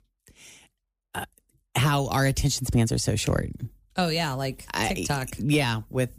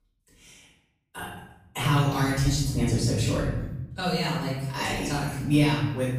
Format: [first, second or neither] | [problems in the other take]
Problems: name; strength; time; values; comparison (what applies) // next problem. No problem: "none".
first | off-mic speech; far // room echo; noticeable; dies away in 0.8 s